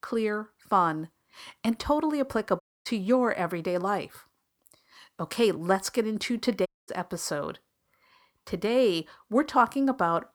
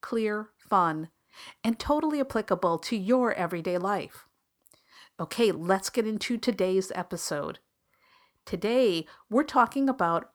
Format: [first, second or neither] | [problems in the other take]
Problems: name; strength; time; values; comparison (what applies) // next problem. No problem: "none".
second | audio cutting out; at 2.5 s and at 6.5 s